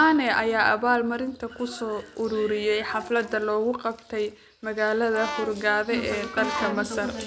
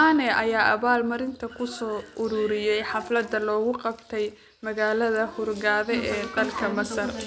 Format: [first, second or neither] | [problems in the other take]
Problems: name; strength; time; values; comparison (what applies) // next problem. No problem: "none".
second | background sound (Brass instrument); 10 dB below the speech